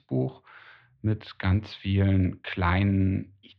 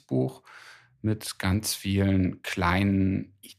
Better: second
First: muffled; slightly; fading above 3.5 kHz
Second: none

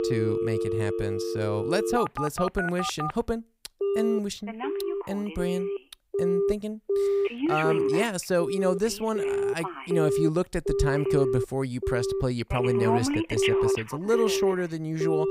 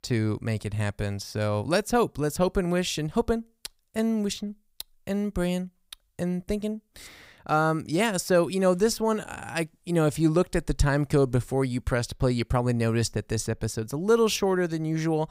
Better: second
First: alarms or sirens; very loud; throughout; 1 dB above the speech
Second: none

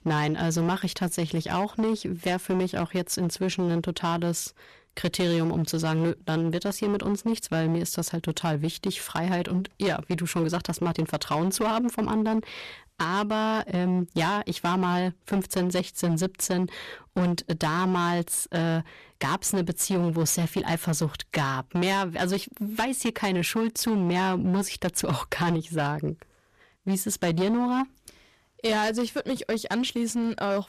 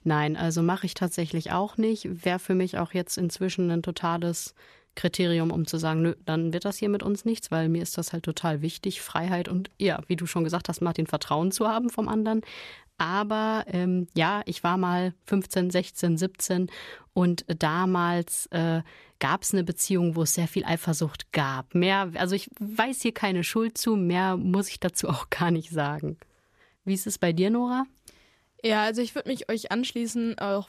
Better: second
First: distortion; slight; 15% of the sound clipped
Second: none

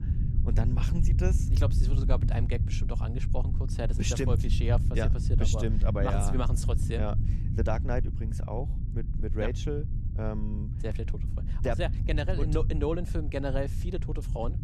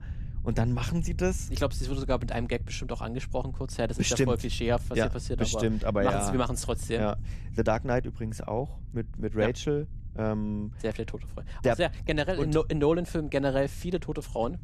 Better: second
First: low rumble; loud; throughout; 9 dB below the speech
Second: low rumble; faint; throughout; 25 dB below the speech

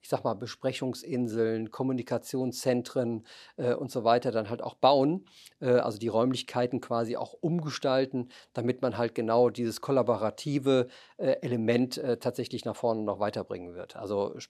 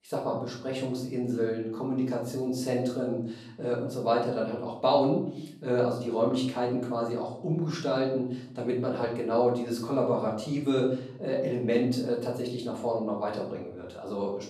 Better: first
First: none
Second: off-mic speech; far // room echo; noticeable; dies away in 0.7 s

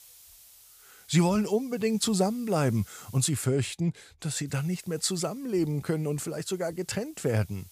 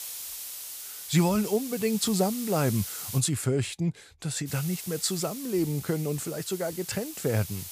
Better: first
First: hiss; faint; until 3 s and from 4.5 s on; 25 dB below the speech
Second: hiss; loud; until 3 s and from 4.5 s on; 9 dB below the speech

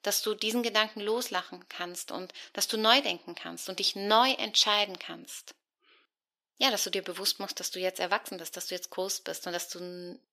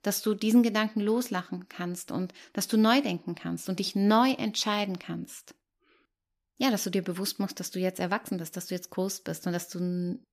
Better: second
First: thin; somewhat; fading below 500 Hz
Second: none

